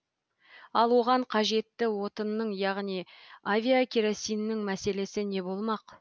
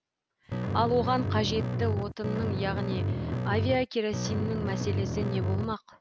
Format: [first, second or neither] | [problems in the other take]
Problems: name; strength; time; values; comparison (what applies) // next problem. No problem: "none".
first | background sound (Bass guitar); 1 dB above the speech